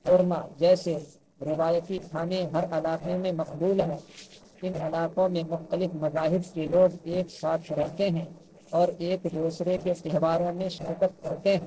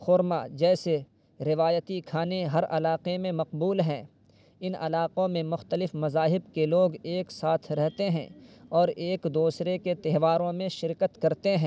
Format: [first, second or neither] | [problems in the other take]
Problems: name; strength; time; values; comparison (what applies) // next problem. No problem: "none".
second | noise reduction (neural separator model SepFormer DNS4)